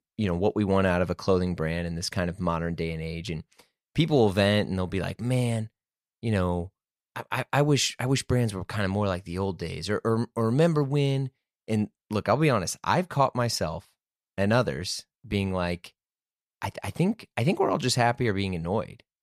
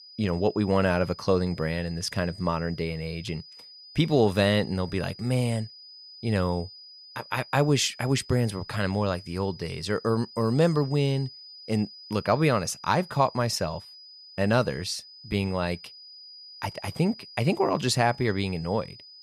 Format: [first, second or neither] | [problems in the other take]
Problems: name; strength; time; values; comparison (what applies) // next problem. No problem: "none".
first | high-pitched whine; noticeable; throughout; 5 kHz, 20 dB below the speech